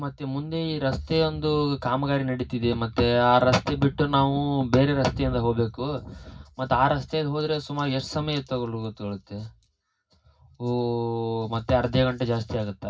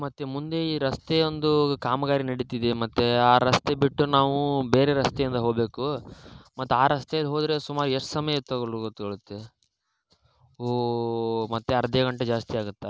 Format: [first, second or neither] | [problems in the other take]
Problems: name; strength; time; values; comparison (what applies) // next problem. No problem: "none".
second | room echo; dies away in 0.4 s